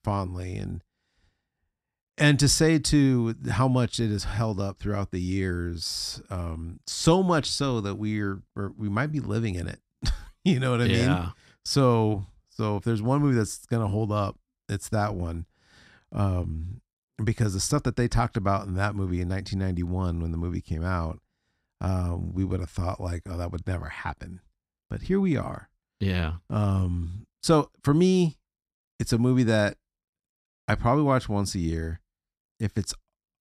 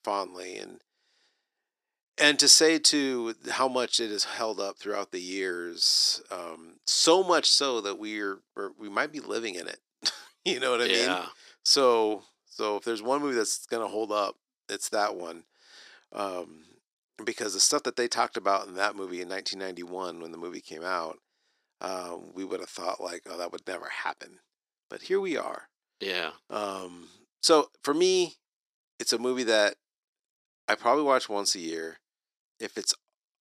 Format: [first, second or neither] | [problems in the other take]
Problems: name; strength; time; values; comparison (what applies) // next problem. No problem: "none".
first | thin; very; fading below 350 Hz